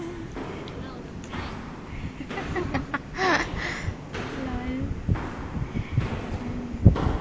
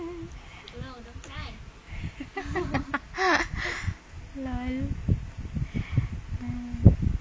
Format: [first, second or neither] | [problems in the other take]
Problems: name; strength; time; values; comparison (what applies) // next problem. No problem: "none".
second | background sound (Walk, footsteps); 7 dB below the speech